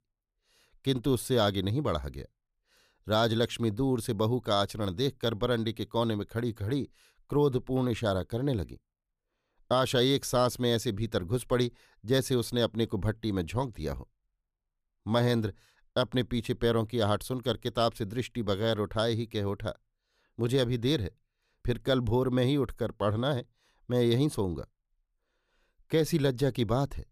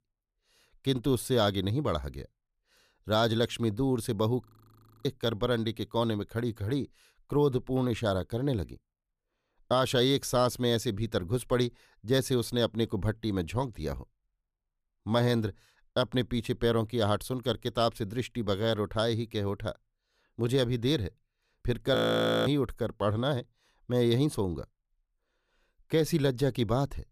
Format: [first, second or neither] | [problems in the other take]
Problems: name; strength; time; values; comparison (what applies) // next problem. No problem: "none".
first | audio freezing; at 4.5 s for 0.5 s and at 22 s for 0.5 s